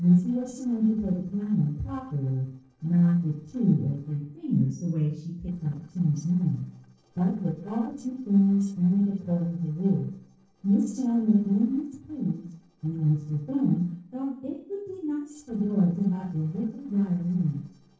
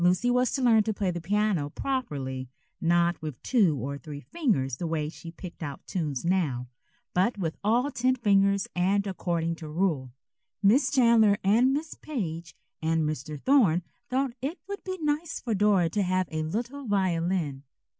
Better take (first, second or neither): second